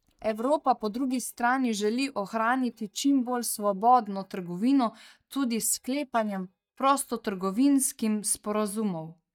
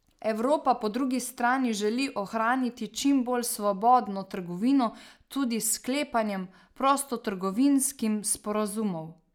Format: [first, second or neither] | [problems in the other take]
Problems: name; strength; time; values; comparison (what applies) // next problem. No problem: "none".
second | noise reduction (neural mask model DeepFilterNet 3)